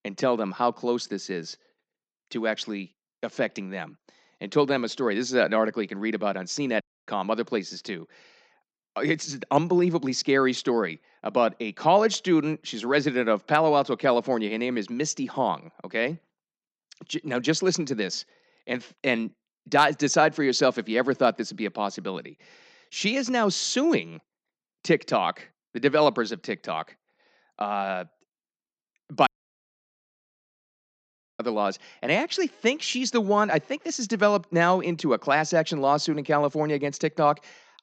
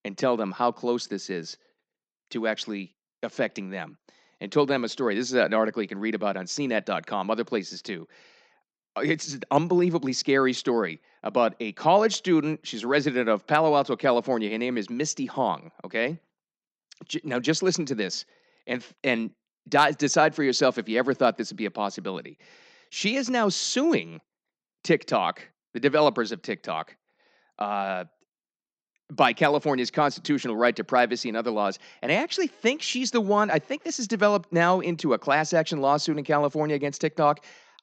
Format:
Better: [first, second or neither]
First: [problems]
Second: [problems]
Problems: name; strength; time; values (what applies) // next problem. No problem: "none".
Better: second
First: audio cutting out; at 7 s and at 29 s for 2 s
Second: none